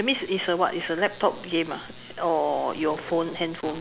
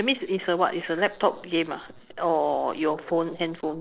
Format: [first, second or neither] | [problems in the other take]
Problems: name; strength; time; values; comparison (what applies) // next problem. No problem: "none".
first | noise reduction (neural separator model SepFormer DNS4)